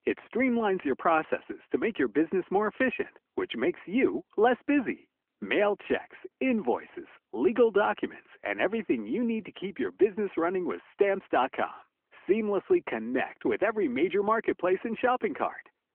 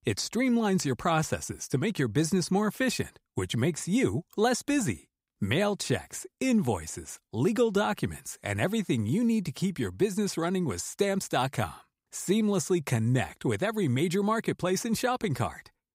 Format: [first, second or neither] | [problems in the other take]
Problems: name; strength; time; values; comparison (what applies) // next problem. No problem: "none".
second | phone-call audio